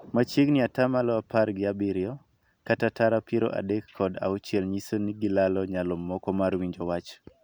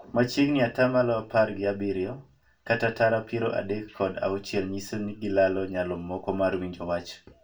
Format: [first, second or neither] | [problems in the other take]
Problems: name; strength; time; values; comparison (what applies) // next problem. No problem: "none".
first | room echo; dies away in 0.2 s